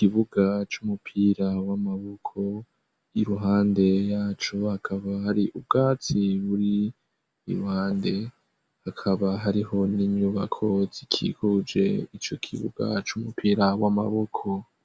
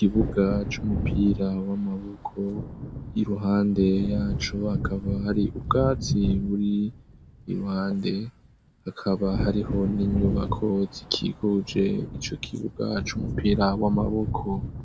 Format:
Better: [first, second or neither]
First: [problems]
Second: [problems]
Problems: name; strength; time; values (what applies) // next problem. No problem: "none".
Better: first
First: none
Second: background sound (Thunder / Wind); 6 dB below the speech